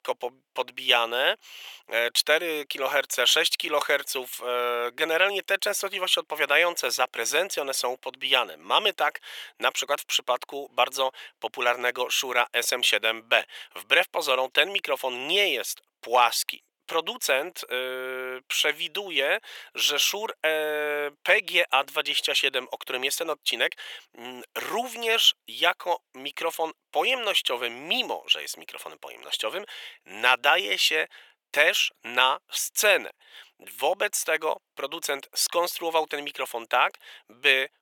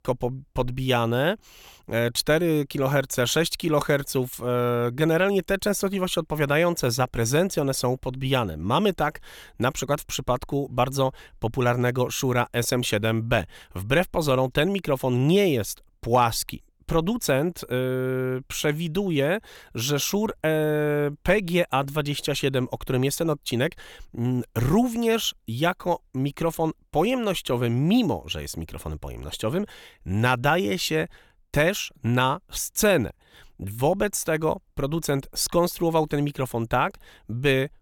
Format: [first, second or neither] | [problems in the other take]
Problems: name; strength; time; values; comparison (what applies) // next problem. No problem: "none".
second | thin; very; fading below 550 Hz